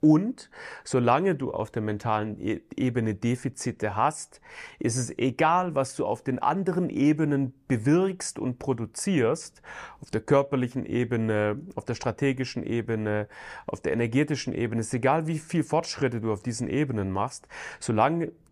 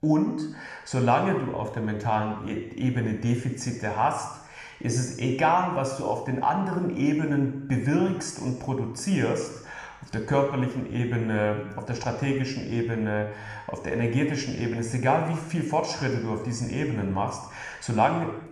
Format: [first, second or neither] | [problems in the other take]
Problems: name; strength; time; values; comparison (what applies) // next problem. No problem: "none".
first | room echo; noticeable; dies away in 0.9 s